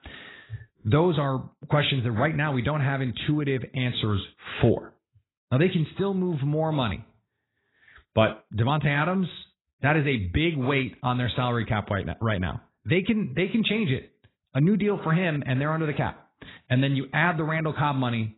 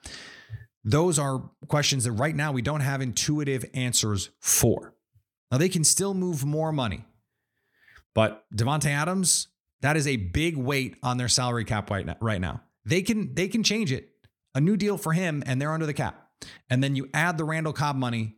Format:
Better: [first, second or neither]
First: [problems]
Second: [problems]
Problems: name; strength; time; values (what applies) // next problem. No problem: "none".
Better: second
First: garbled, watery; badly; nothing above 4 kHz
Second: none